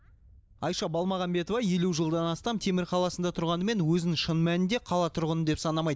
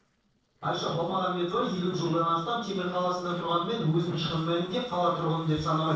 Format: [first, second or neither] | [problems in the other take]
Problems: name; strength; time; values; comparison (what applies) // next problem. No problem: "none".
first | noise reduction (neural separator model SepFormer DNS4)